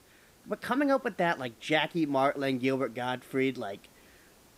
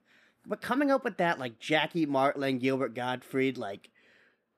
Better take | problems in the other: second | hiss; faint; throughout; 30 dB below the speech

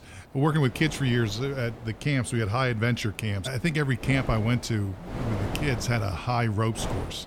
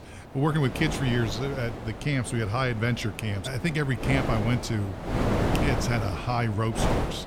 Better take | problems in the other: first | wind noise on the microphone; heavy; 3 dB below the speech; occasional gusts in the first

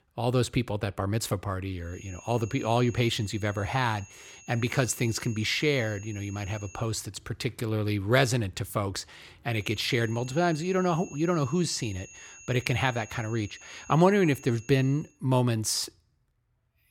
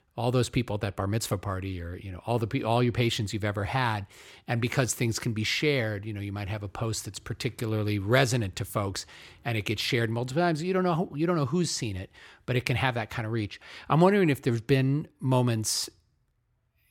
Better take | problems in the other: second | high-pitched whine; noticeable; from 2 to 7 s and from 9.5 to 15 s; 6.5 kHz, 20 dB below the speech

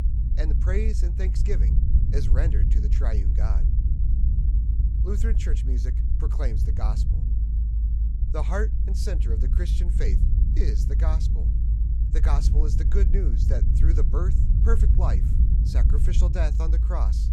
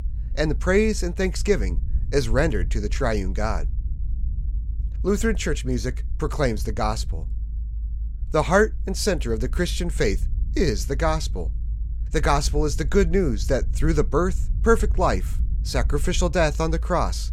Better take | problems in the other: second | low rumble; loud; throughout; 5 dB below the speech; faint in the second

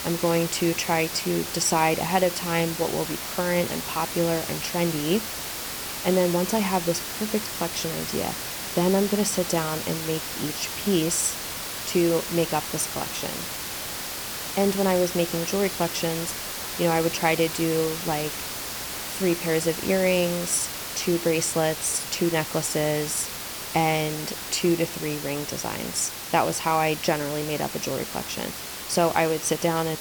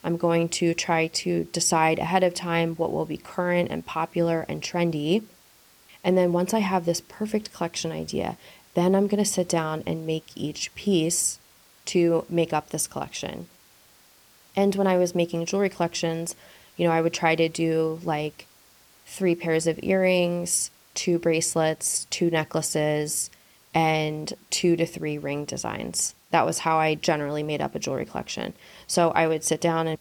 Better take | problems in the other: second | hiss; loud; throughout; 5 dB below the speech; faint in the second

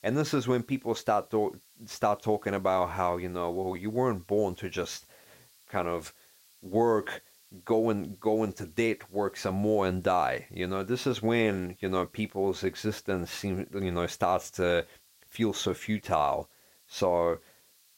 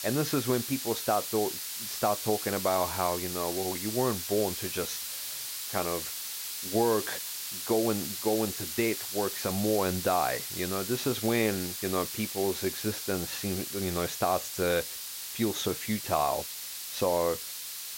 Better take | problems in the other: first | hiss; loud; throughout; 4 dB below the speech; faint in the first

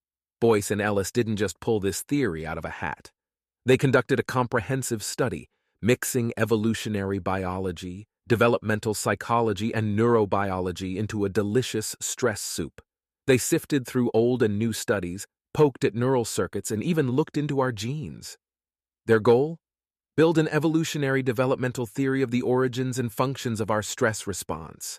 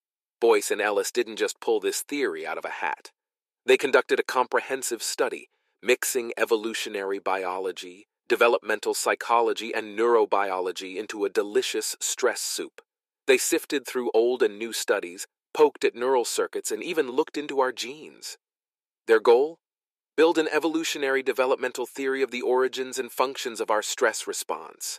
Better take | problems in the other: first | thin; somewhat; fading below 350 Hz

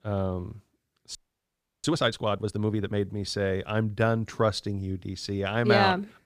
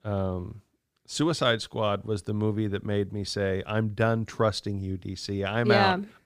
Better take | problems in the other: second | audio freezing; at 1 s for 0.5 s

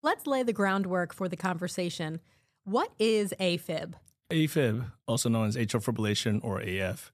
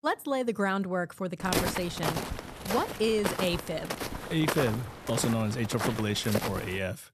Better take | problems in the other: first | footsteps; loud; from 1.5 s on; peak 2 dB above the speech

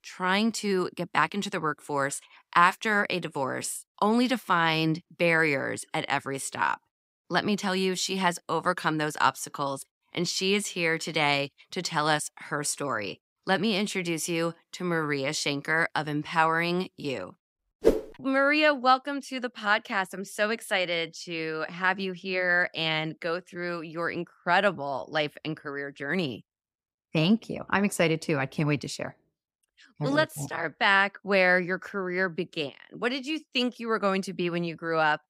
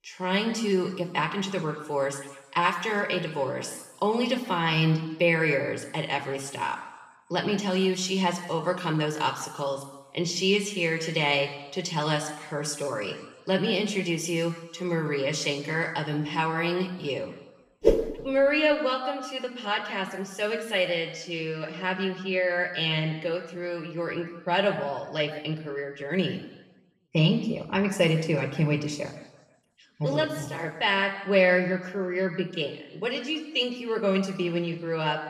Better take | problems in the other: first | room echo; slight; dies away in 1 s // off-mic speech; somewhat distant

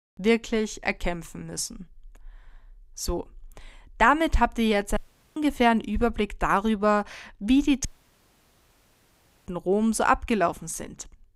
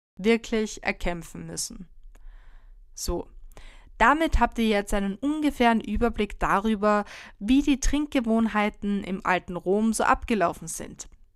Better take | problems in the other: second | audio cutting out; at 5 s and at 8 s for 1.5 s

